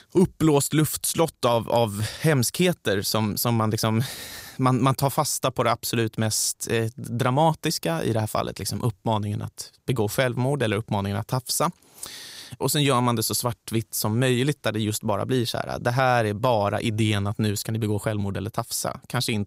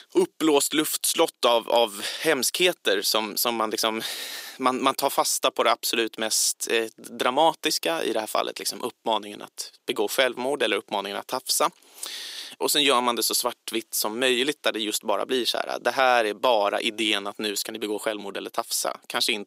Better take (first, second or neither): first